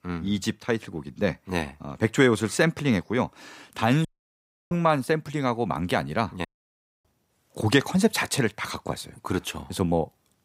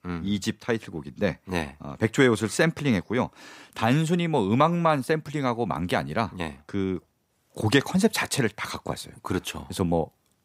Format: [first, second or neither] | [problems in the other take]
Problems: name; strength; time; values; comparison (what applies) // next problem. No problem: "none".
second | audio cutting out; at 4 s for 0.5 s and at 6.5 s for 0.5 s